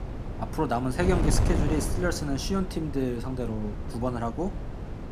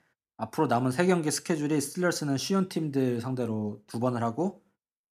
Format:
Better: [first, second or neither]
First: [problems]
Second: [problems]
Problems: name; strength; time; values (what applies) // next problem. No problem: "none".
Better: second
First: wind noise on the microphone; heavy; 7 dB below the speech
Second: none